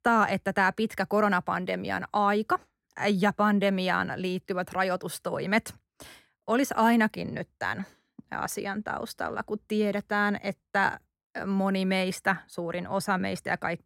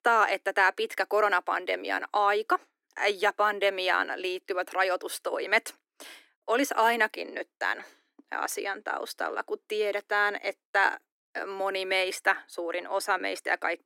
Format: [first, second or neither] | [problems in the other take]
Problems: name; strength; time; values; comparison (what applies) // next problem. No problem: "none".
first | thin; very; fading below 300 Hz